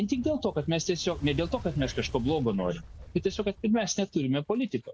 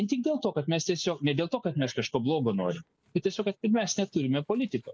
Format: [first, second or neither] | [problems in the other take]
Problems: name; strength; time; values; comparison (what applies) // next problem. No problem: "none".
second | background sound (Fire); 15 dB below the speech